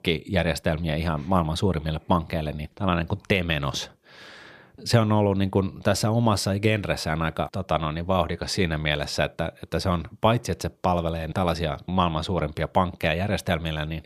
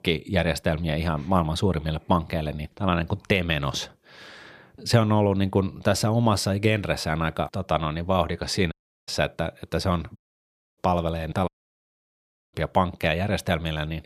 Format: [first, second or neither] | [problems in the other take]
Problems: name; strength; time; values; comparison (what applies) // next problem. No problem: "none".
first | audio cutting out; at 8.5 s, at 10 s for 0.5 s and at 11 s for 1 s